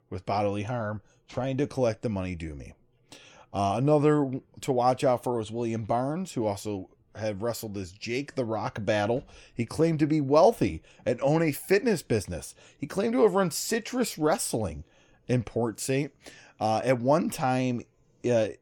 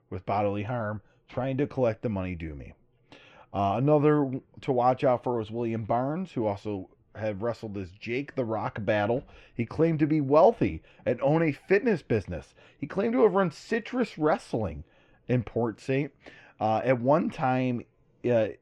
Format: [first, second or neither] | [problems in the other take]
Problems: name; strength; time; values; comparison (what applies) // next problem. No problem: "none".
first | muffled; slightly; fading above 2.5 kHz